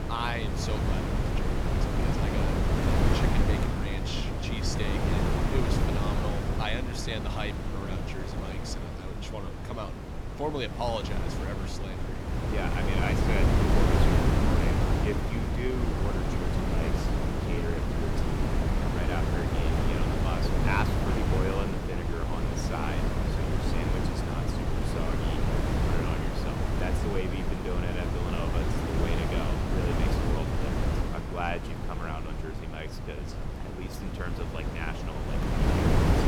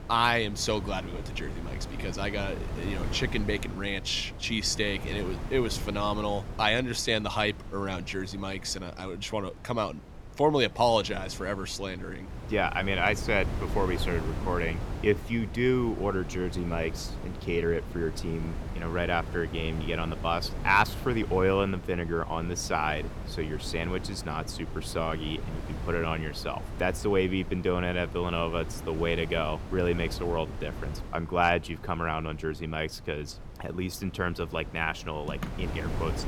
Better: second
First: wind noise on the microphone; heavy; 3 dB above the speech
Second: wind noise on the microphone; occasional gusts; 15 dB below the speech

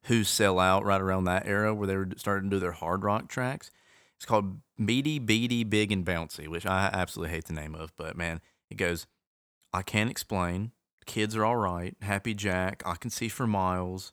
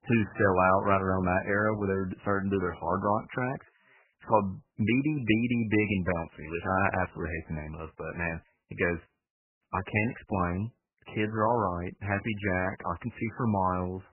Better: first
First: none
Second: garbled, watery; badly; nothing above 3 kHz

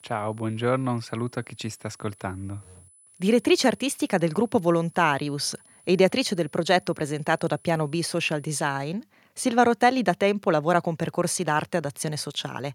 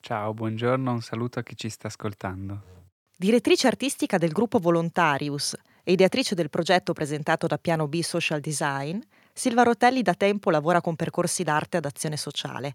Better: second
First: high-pitched whine; faint; until 8.5 s; 10 kHz, 30 dB below the speech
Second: none

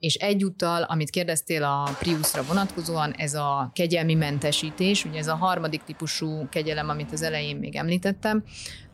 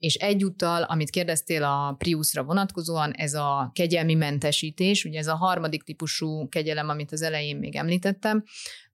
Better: second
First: traffic noise; noticeable; throughout; 15 dB below the speech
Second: none

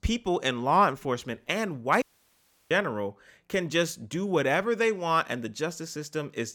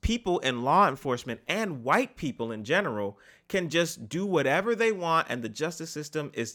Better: second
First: audio cutting out; at 2 s for 0.5 s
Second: none

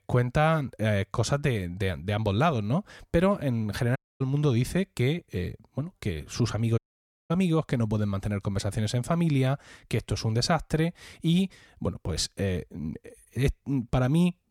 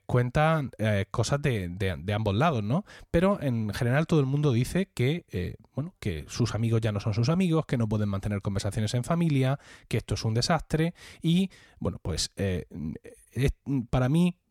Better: second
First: audio cutting out; at 4 s and at 7 s for 0.5 s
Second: none

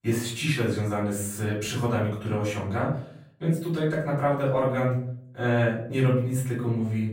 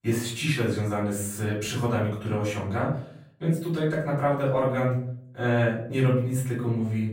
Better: neither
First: off-mic speech; far // room echo; noticeable; dies away in 0.5 s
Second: off-mic speech; far // room echo; noticeable; dies away in 0.5 s

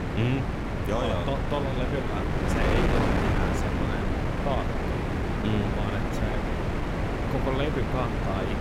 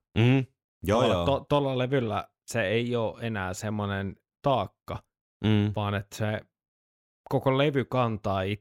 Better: second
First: wind noise on the microphone; heavy; 2 dB above the speech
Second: none

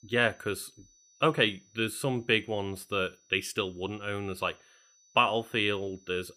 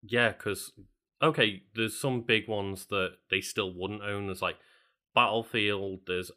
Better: second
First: high-pitched whine; faint; throughout; 6 kHz, 30 dB below the speech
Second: none

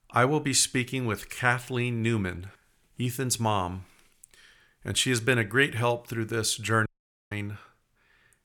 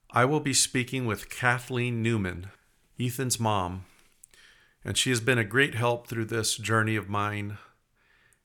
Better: second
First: audio cutting out; at 7 s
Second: none

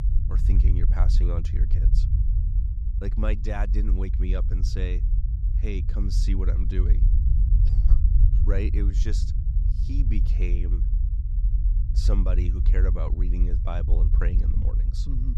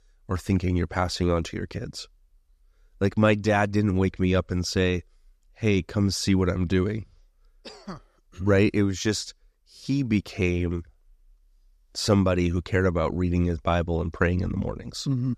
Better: second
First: low rumble; loud; throughout; 5 dB below the speech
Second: none

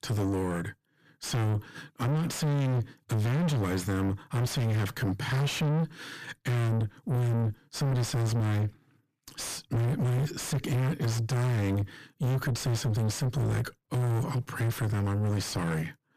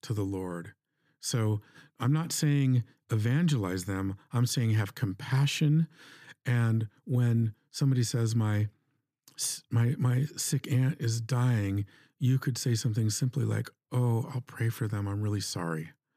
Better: second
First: distortion; heavy; 5 dB below the speech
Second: none

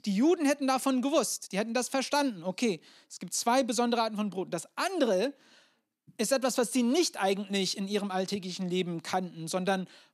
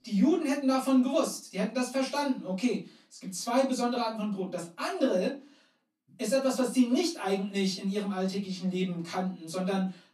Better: first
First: none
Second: off-mic speech; far // room echo; slight; dies away in 0.3 s

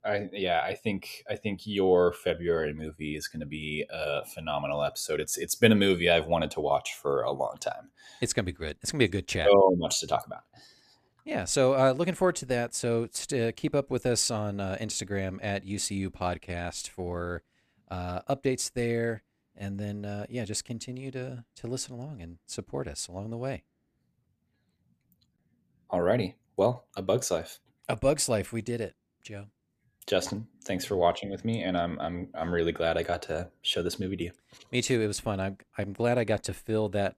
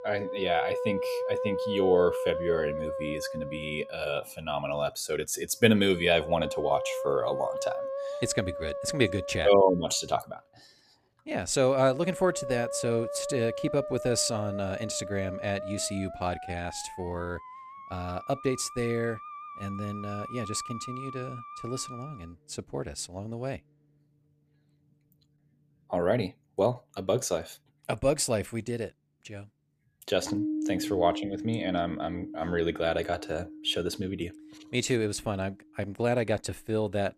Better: first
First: none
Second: background music; loud; throughout; 7 dB below the speech

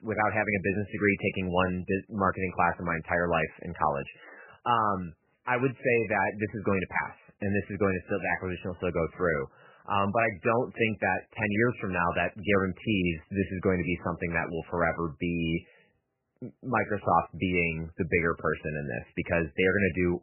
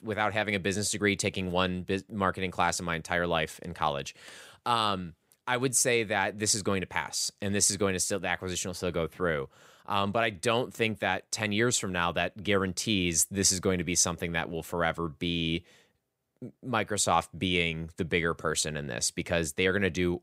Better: second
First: garbled, watery; badly; nothing above 3 kHz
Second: none

